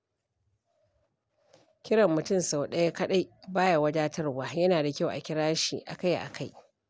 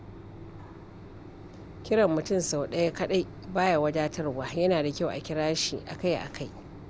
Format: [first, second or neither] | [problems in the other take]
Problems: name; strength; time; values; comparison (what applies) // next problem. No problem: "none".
first | background sound (Mechanisms); 15 dB below the speech